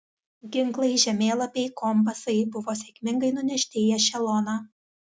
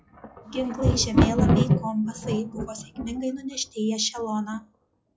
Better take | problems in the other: first | noise reduction (classical method log-MMSE)

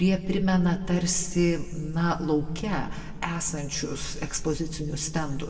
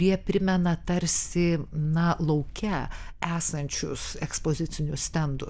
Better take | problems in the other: second | room echo; dies away in 1.6 s

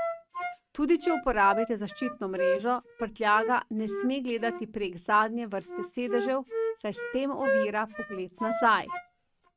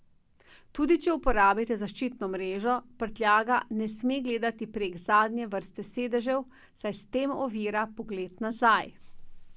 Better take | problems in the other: second | noise reduction (neural mask model RNNoise)

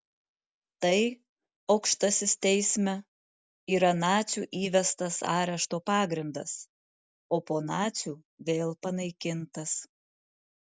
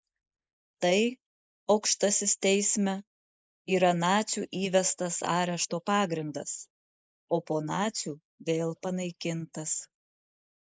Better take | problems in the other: first | noise reduction (neural mask model Resemble Enhance denoiser)

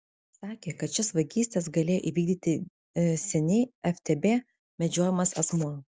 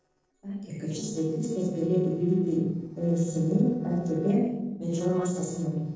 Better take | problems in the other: first | noise reduction (neural separator model SepFormer DNS4)

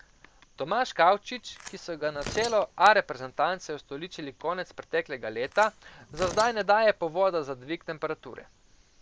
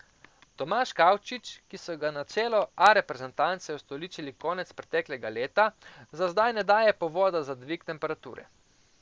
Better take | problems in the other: second | background sound (Tearing); 18 dB below the speech

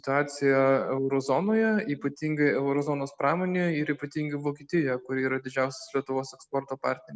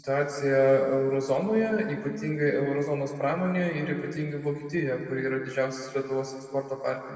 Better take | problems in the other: first | room echo; dies away in 2.4 s

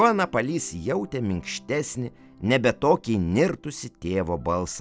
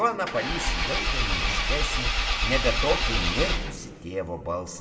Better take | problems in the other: first | background sound (Engine / Car); 4 dB above the speech // room echo; dies away in 1.3 s

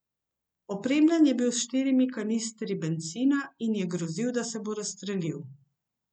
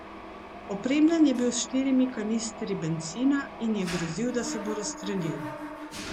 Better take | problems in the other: first | background sound (Mechanisms); 11 dB below the speech

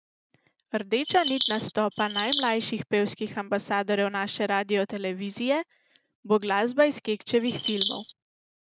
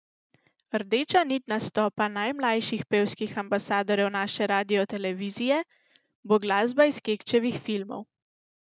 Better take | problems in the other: second | background sound (Bird vocalization, bird call, bird song); 4 dB below the speech

